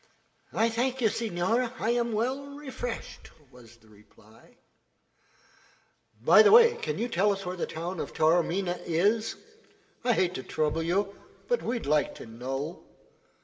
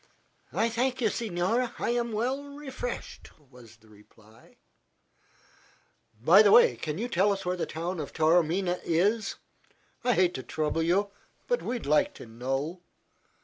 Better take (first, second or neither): second